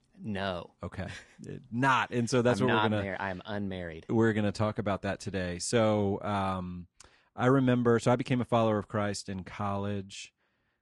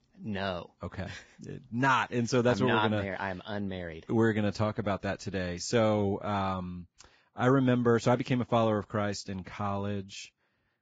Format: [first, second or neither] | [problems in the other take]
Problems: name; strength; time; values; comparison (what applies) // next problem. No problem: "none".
first | garbled, watery; badly; nothing above 7.5 kHz; slightly in the first